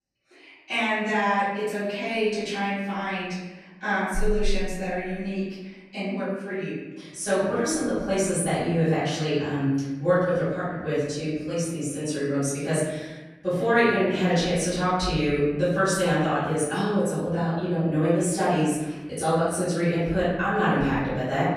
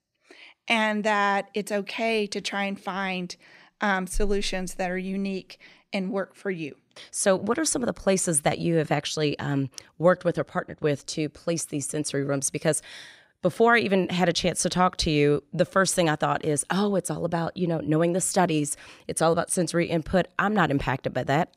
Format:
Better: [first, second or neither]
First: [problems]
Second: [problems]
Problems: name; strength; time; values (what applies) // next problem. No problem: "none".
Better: second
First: room echo; strong; dies away in 1.1 s // off-mic speech; far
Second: none